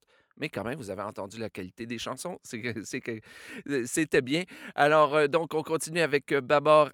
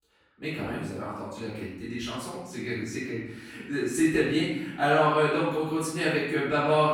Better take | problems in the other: first | off-mic speech; far // room echo; noticeable; dies away in 0.8 s

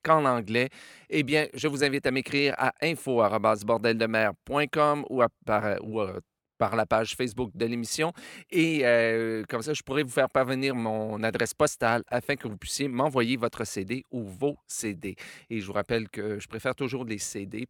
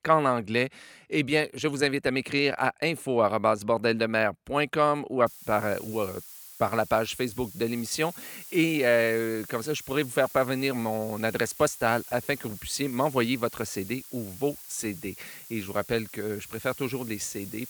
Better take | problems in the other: first | hiss; noticeable; from 5.5 s on; 15 dB below the speech

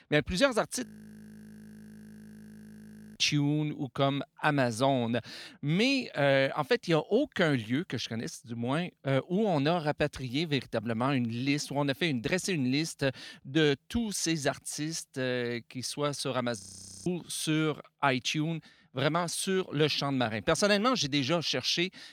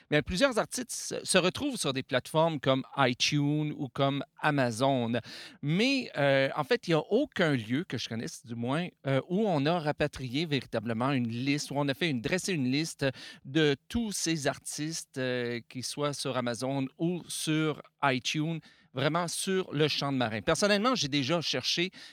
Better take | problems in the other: second | audio freezing; at 1 s for 2.5 s and at 17 s

